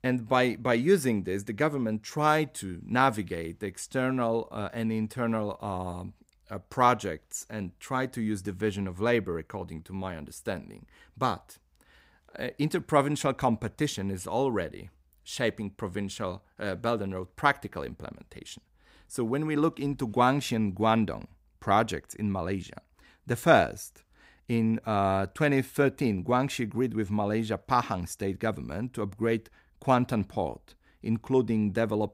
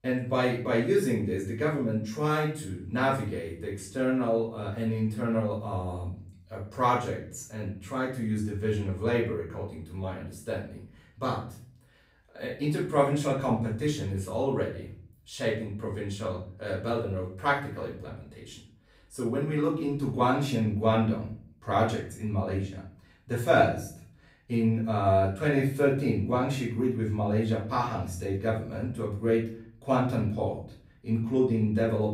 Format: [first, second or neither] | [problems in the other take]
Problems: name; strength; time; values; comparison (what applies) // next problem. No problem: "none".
first | room echo; noticeable; dies away in 0.5 s // off-mic speech; far